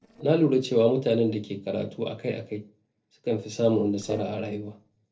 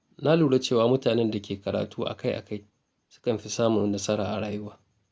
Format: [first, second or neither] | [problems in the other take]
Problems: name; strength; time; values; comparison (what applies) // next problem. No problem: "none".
second | noise reduction (neural separator model SepFormer DNS4)